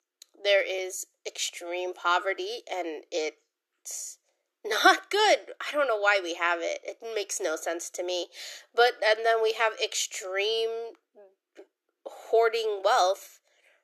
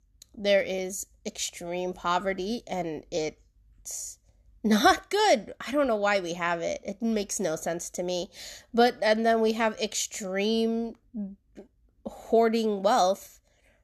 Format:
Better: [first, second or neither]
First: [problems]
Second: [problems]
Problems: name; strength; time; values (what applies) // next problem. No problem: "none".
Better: second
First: thin; very; fading below 300 Hz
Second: none